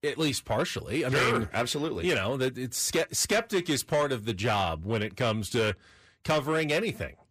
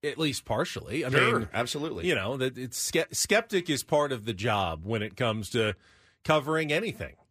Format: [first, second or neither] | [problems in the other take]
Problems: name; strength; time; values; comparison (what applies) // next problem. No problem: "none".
second | distortion; slight; 10 dB below the speech